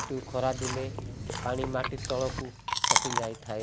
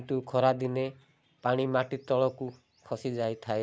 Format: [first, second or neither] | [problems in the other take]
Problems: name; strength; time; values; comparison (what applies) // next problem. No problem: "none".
second | background sound (Chewing, mastication); 1 dB above the speech